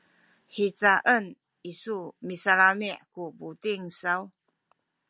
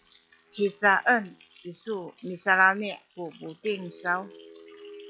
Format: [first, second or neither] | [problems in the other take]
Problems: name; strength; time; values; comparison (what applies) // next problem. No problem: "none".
first | noise reduction (classical method log-MMSE)